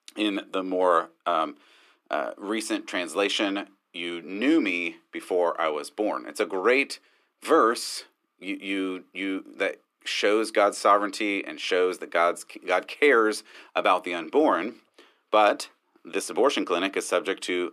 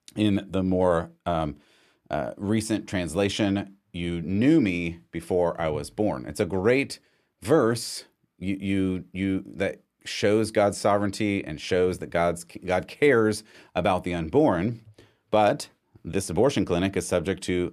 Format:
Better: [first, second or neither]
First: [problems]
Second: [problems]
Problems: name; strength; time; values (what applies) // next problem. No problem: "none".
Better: second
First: thin; somewhat; fading below 300 Hz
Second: none